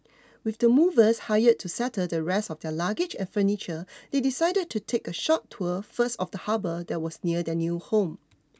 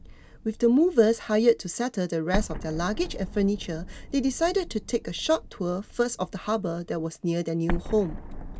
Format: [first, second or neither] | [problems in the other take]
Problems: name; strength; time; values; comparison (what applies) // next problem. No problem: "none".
first | background sound (Explosion); 10 dB below the speech